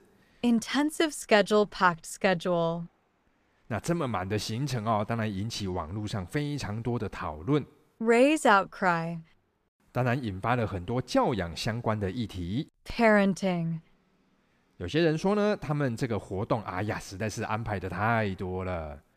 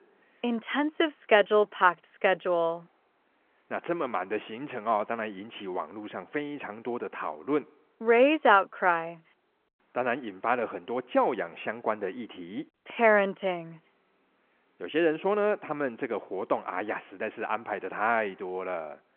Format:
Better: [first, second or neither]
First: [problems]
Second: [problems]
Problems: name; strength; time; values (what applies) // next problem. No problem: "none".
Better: first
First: none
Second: phone-call audio